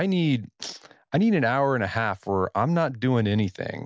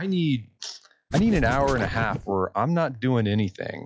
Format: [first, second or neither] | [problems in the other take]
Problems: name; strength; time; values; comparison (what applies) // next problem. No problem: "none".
first | noise reduction (classical method log-MMSE)